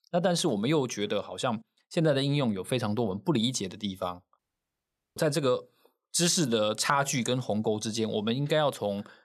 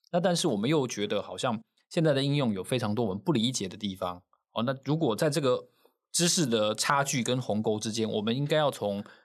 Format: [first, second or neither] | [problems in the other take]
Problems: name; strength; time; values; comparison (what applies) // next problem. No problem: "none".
second | audio cutting out; at 4.5 s for 1 s